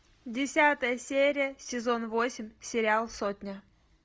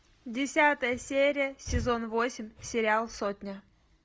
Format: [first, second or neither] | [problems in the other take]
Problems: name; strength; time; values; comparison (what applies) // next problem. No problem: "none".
first | background sound (Breathing); 11 dB below the speech